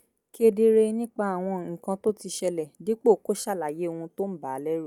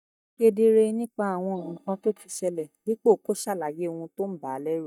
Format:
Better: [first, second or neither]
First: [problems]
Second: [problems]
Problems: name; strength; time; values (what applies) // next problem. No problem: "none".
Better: first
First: none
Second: noise reduction (neural mask model DeepFilterNet 3)